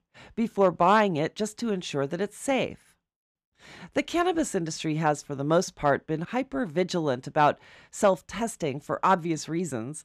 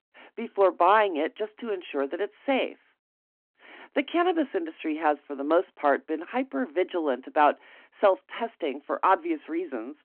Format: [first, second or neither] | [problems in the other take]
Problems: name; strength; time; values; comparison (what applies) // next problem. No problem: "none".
first | phone-call audio